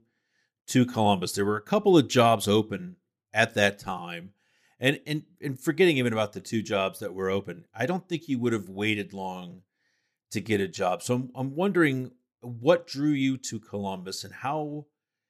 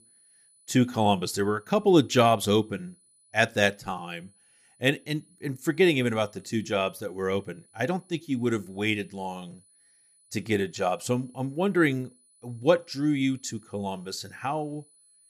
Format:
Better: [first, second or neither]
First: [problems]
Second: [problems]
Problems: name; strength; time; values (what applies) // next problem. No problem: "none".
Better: first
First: none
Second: high-pitched whine; faint; throughout; 10 kHz, 30 dB below the speech